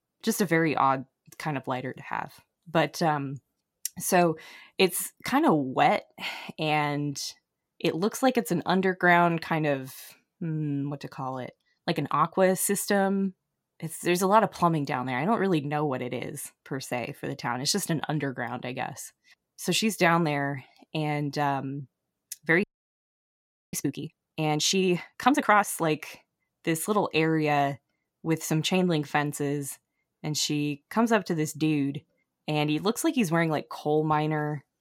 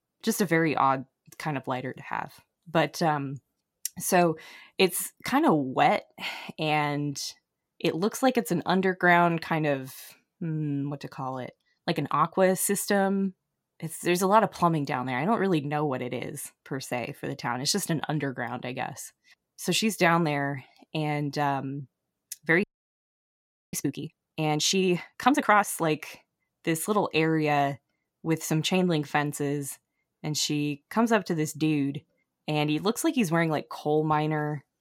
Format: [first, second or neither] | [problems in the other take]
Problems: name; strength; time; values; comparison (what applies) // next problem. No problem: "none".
neither | audio freezing; at 23 s for 1 s; the same in both